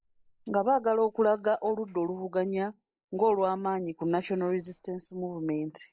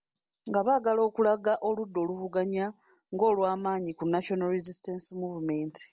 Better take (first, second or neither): second